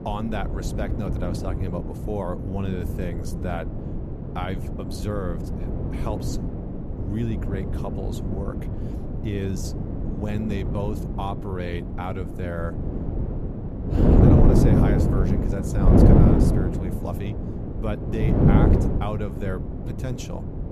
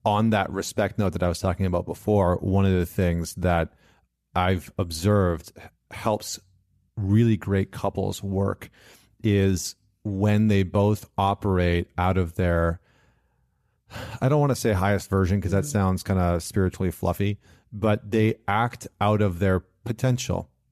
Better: second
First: wind noise on the microphone; heavy; 3 dB above the speech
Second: none

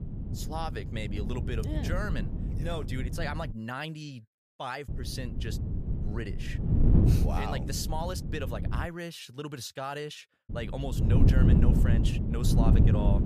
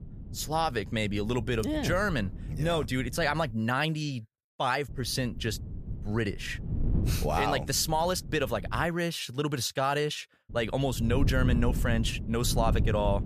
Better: second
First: wind noise on the microphone; heavy; until 3.5 s, from 5 to 9 s and from 11 s on; 2 dB below the speech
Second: wind noise on the microphone; occasional gusts; until 3.5 s, from 5 to 9 s and from 11 s on; 15 dB below the speech

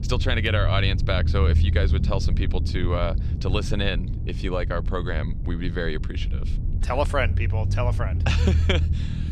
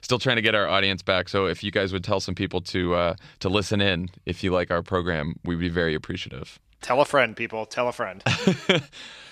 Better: second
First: low rumble; noticeable; throughout; 10 dB below the speech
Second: none

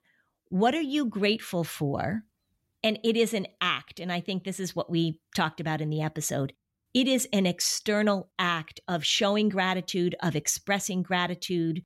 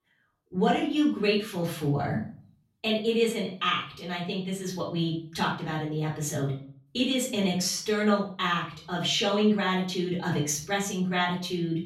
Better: first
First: none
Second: off-mic speech; far // room echo; slight; dies away in 0.4 s

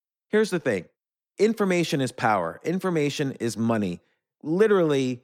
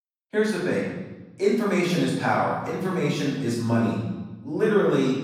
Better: first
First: none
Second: off-mic speech; far // room echo; noticeable; dies away in 1.1 s

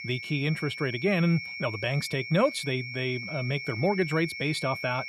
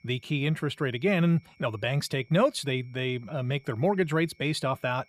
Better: second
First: high-pitched whine; loud; throughout; 2 kHz, 8 dB below the speech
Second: high-pitched whine; faint; throughout; 2 kHz, 35 dB below the speech

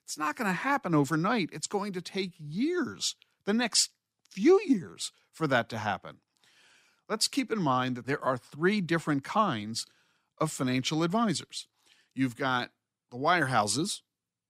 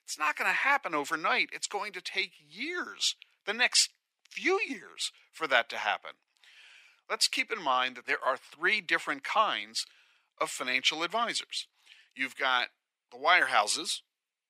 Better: first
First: none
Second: thin; very; fading below 650 Hz

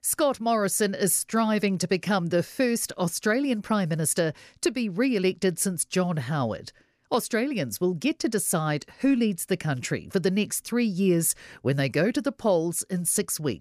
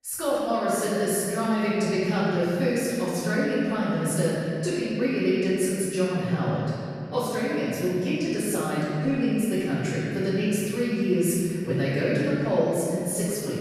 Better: first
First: none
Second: room echo; strong; dies away in 2.7 s // off-mic speech; far

